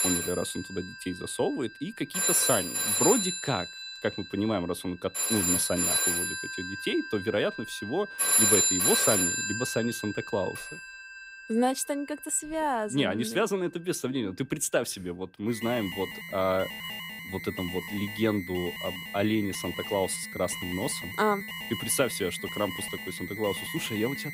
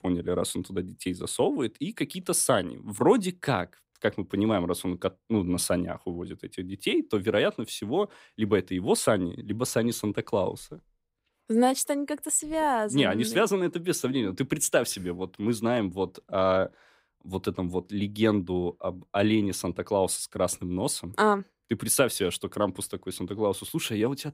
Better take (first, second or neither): second